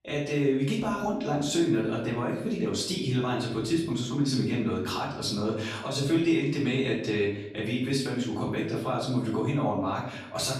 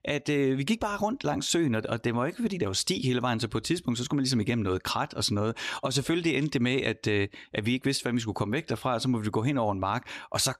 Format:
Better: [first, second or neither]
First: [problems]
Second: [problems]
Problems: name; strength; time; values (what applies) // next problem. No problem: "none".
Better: second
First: off-mic speech; far // room echo; noticeable; dies away in 0.7 s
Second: none